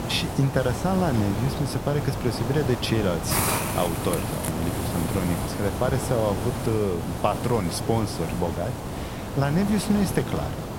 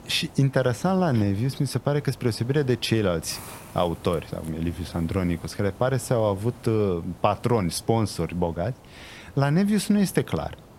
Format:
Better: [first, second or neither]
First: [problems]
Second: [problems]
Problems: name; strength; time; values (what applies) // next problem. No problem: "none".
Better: second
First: hiss; loud; throughout; 3 dB below the speech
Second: hiss; faint; throughout; 20 dB below the speech